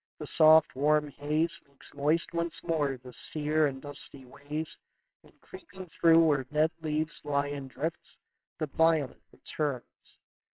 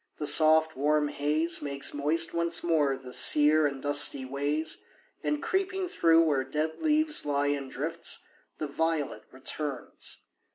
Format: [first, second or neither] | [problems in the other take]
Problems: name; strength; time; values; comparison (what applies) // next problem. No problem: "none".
second | noise reduction (neural separator model SepFormer WHAMR!)